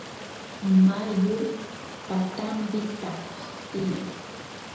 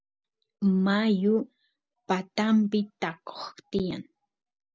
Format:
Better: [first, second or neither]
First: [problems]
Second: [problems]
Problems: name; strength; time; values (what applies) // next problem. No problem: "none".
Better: second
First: background sound (Stream); 12 dB below the speech // room echo; dies away in 1 s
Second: none